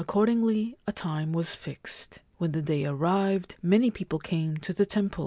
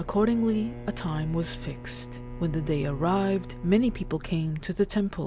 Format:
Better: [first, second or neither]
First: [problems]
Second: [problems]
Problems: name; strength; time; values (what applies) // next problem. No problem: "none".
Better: first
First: none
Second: background sound (Bowed string instrument + Subway, metro, underground); 11 dB below the speech